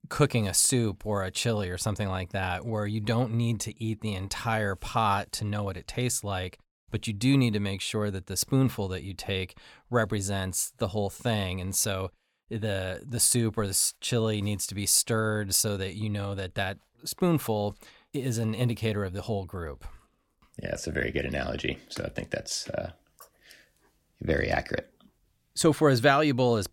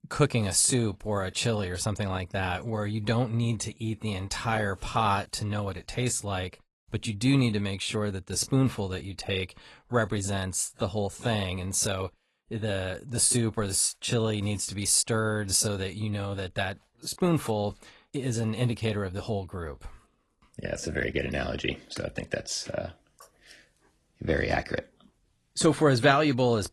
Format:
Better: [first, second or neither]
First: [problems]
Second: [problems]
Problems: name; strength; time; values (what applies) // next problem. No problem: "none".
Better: first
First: none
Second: garbled, watery; slightly; nothing above 11 kHz